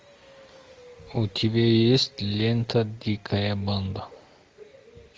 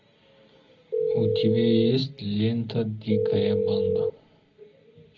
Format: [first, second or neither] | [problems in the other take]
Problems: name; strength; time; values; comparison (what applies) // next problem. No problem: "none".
first | background sound (Telephone); 4 dB above the speech // room echo; dies away in 0.4 s